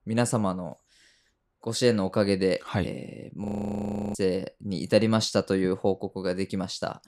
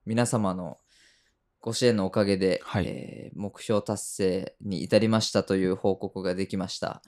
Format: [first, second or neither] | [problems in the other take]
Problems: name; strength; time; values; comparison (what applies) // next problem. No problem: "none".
second | audio freezing; at 3.5 s for 0.5 s